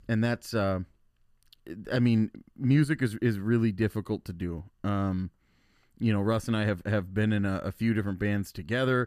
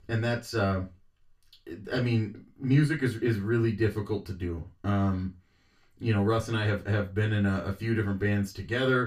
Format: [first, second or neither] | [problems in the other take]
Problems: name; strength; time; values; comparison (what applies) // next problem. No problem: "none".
first | room echo; very slight; dies away in 0.3 s // off-mic speech; far